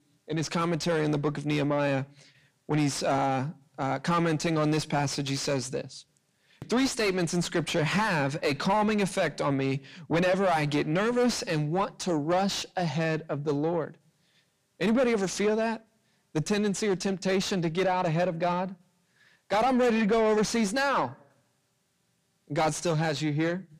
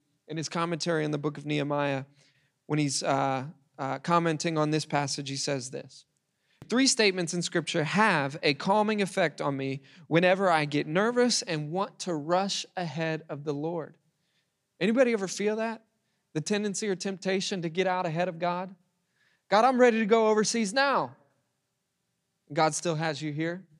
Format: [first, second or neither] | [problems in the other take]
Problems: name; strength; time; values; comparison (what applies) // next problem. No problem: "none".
second | distortion; heavy; 6 dB below the speech